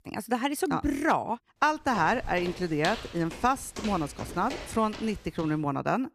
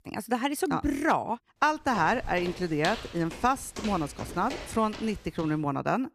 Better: neither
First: footsteps; noticeable; from 2 to 5.5 s; peak 7 dB below the speech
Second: footsteps; noticeable; from 2 to 5.5 s; peak 7 dB below the speech

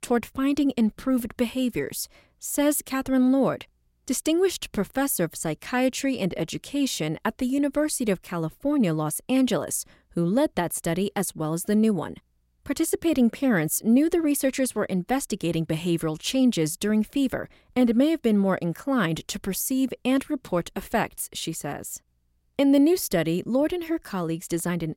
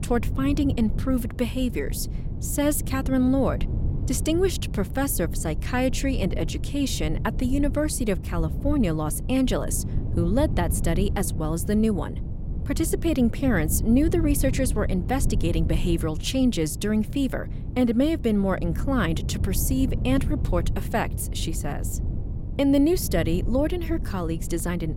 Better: first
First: none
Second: wind noise on the microphone; occasional gusts; 15 dB below the speech

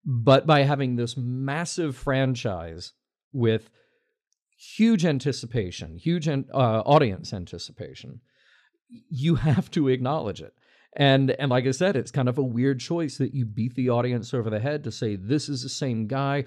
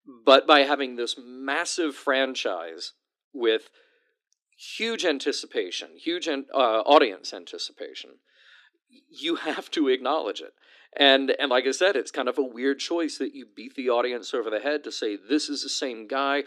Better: first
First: none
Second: thin; somewhat; fading below 300 Hz

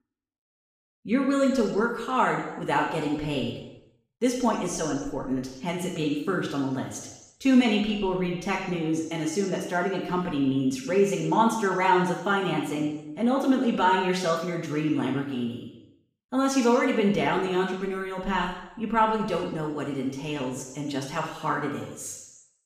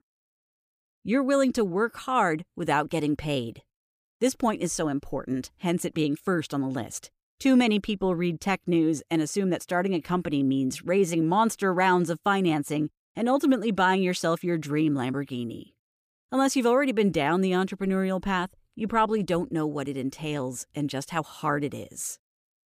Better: second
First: room echo; noticeable; dies away in 0.9 s // off-mic speech; far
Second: none

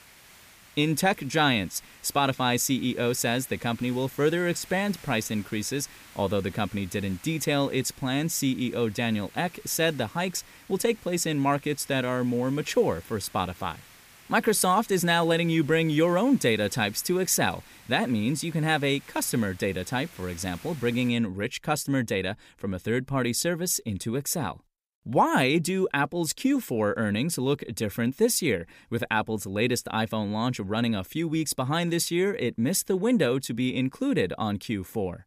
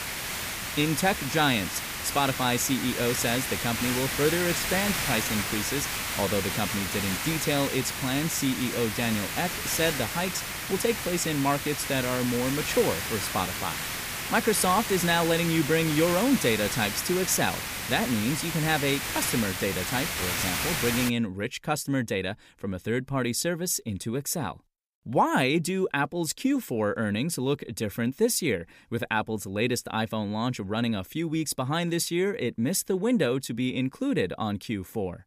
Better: first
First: hiss; faint; until 21 s; 25 dB below the speech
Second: hiss; loud; until 21 s; 2 dB below the speech

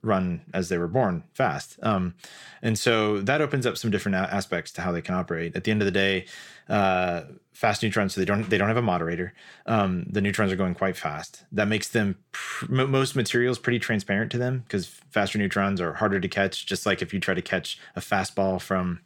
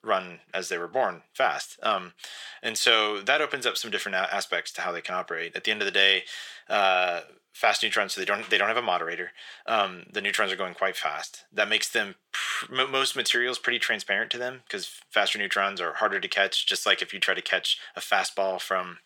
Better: first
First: none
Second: thin; very; fading below 600 Hz

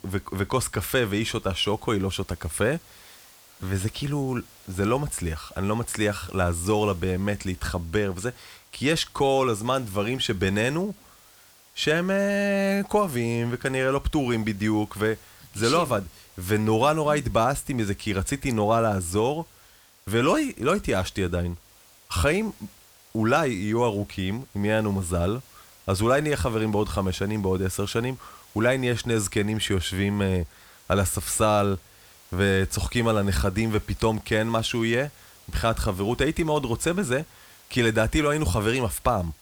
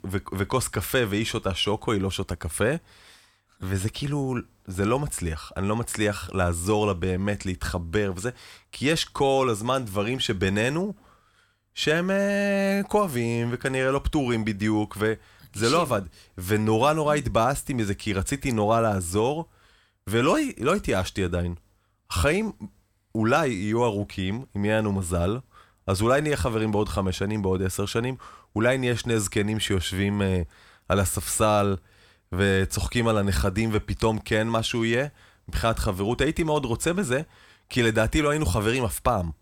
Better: second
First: hiss; faint; throughout; 25 dB below the speech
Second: none

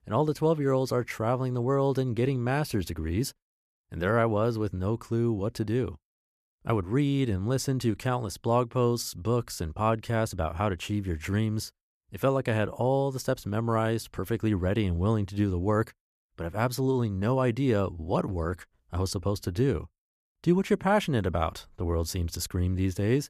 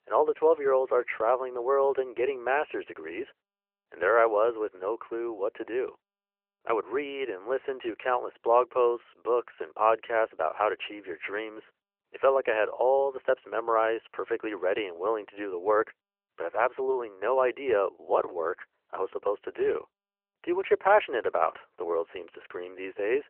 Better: first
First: none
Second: phone-call audio; nothing above 3 kHz

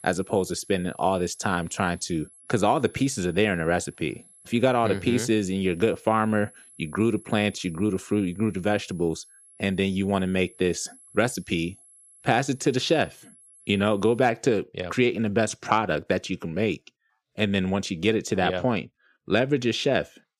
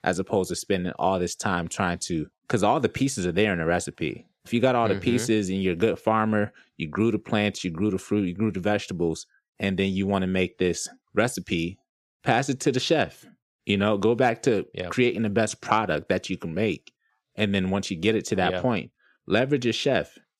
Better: second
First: high-pitched whine; faint; until 14 s; 11 kHz, 25 dB below the speech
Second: none

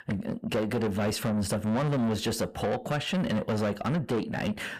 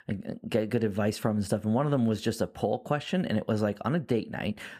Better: second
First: distortion; heavy; 7 dB below the speech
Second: none

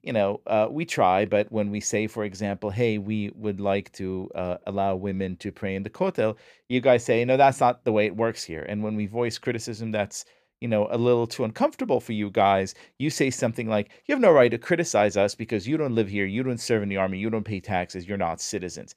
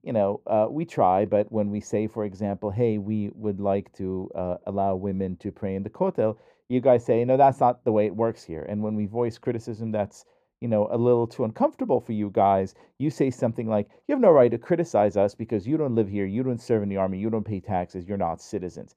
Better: first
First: none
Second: muffled; slightly; fading above 1 kHz

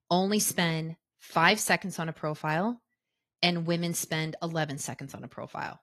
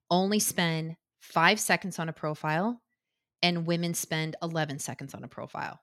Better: second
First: garbled, watery; slightly; nothing above 12.5 kHz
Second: none

